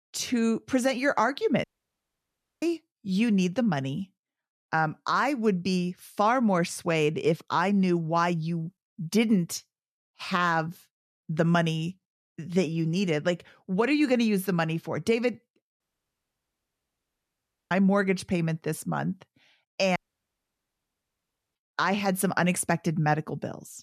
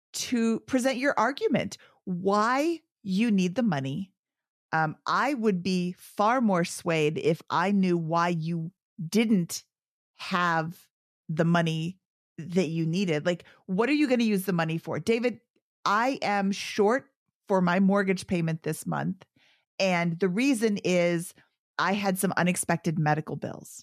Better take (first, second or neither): second